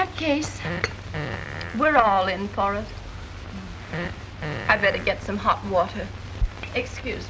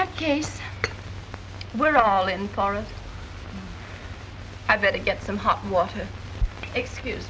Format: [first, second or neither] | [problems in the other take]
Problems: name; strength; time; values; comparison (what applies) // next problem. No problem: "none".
second | background sound (Fart); 9 dB below the speech